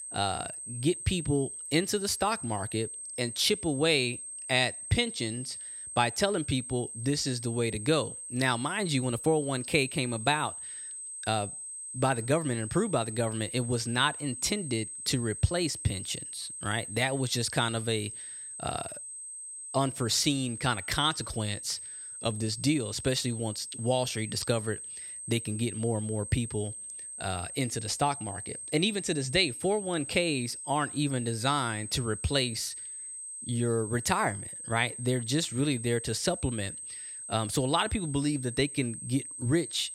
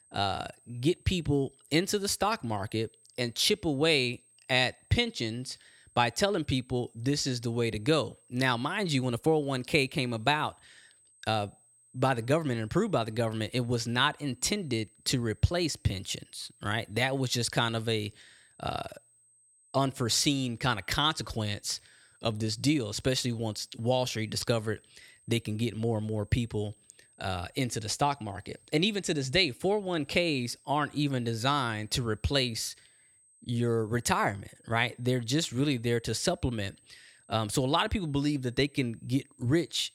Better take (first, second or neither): second